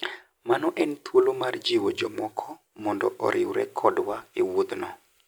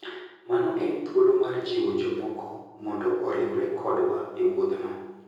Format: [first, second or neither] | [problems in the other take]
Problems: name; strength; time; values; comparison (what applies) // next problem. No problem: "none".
first | room echo; dies away in 1.3 s